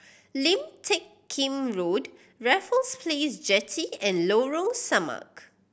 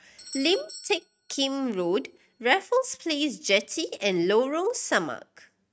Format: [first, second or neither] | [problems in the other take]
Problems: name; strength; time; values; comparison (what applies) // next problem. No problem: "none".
first | noise reduction (neural mask model RNNoise)